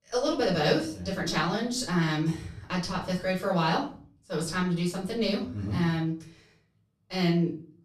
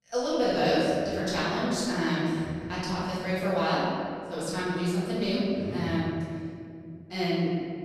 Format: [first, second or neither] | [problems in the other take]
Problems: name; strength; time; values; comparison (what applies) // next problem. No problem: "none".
first | room echo; strong; dies away in 2.4 s; slight in the first // off-mic speech; far; far in the first